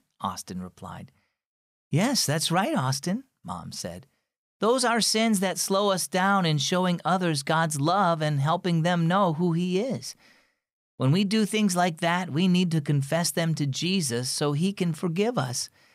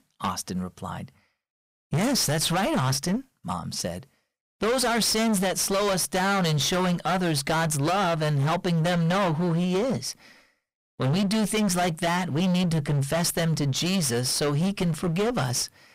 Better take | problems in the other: first | distortion; heavy; 27% of the sound clipped

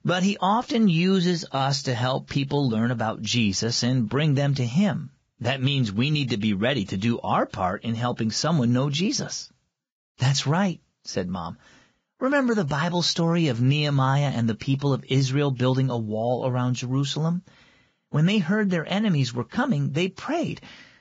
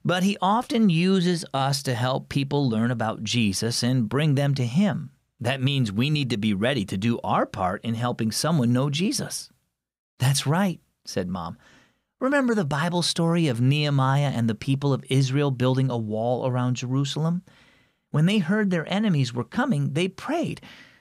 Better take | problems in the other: second | garbled, watery; badly

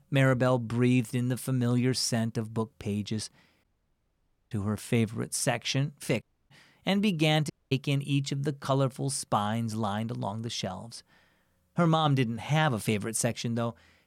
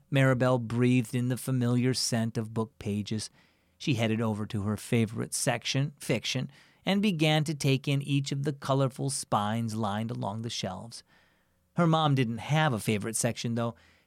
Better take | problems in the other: second | audio cutting out; at 3.5 s for 1 s, at 6 s and at 7.5 s

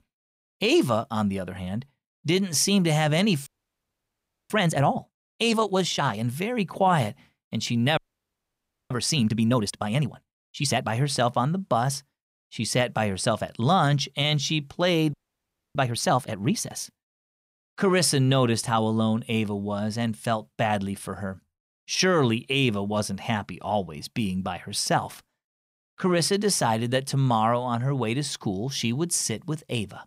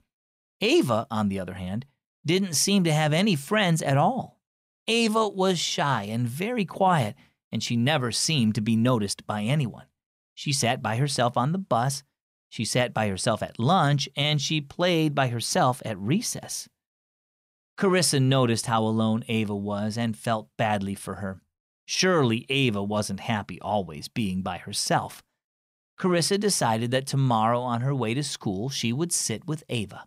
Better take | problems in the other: second | audio freezing; at 3.5 s for 1 s, at 8 s for 1 s and at 15 s for 0.5 s

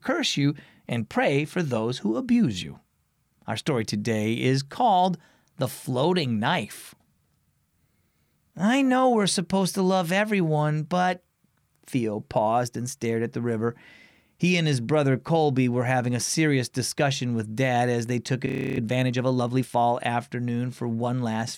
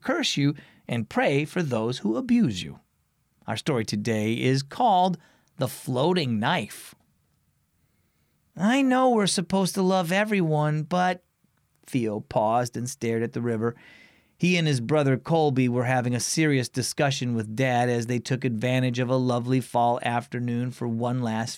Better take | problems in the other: second | audio freezing; at 18 s

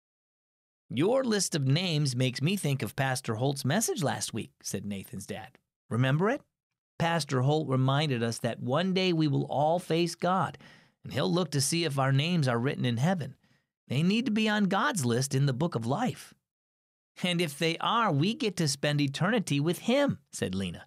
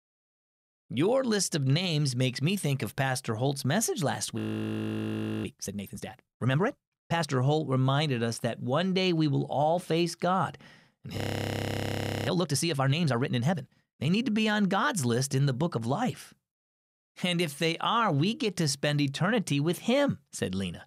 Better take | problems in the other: first | audio freezing; at 4.5 s for 1 s and at 11 s for 1 s

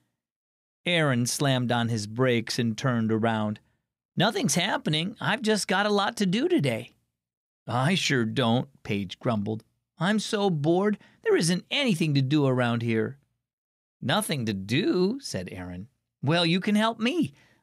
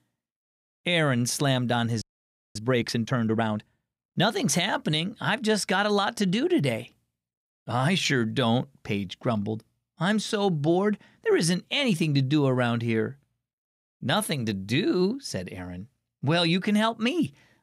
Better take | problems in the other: first | audio freezing; at 2 s for 0.5 s

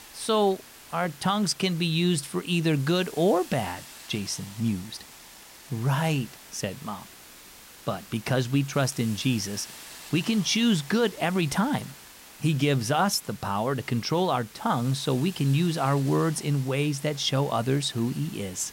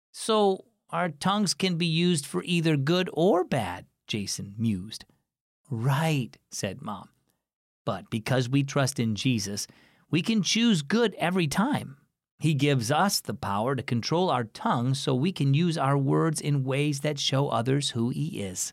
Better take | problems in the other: second | hiss; noticeable; throughout; 20 dB below the speech

